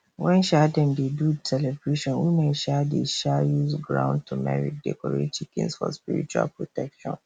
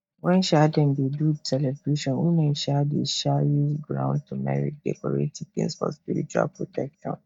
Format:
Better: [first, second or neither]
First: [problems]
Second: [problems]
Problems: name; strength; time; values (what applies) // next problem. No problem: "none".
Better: first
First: none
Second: noise reduction (neural mask model DeepFilterNet 3)